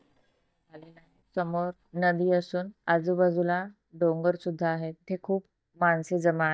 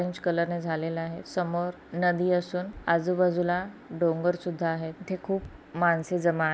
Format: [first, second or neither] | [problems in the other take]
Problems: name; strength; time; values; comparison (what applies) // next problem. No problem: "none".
second | noise reduction (neural mask model DeepFilterNet 3)